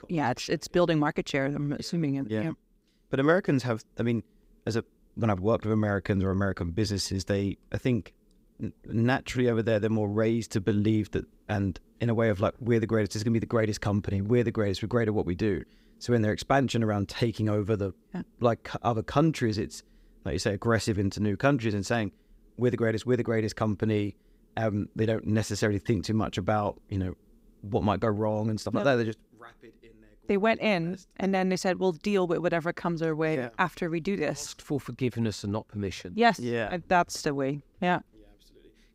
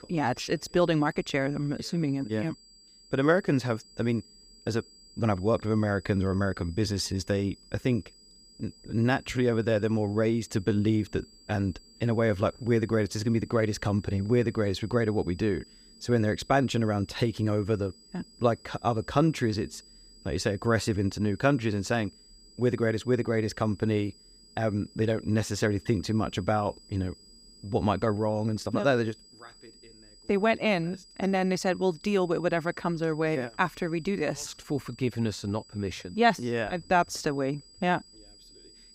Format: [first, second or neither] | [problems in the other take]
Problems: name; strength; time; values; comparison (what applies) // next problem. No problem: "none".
first | high-pitched whine; faint; throughout; 5 kHz, 25 dB below the speech